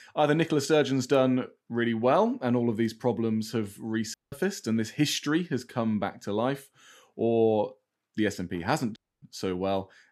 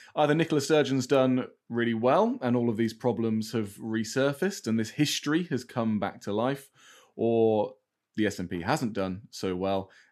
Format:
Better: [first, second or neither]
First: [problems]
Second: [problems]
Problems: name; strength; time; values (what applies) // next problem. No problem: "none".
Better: second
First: audio cutting out; at 4 s and at 9 s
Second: none